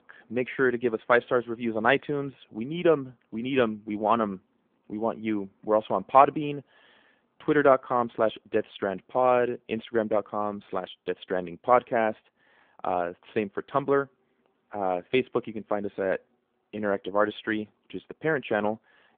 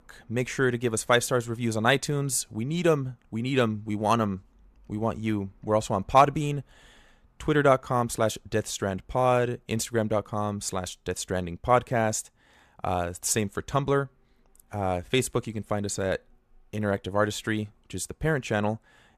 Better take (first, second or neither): second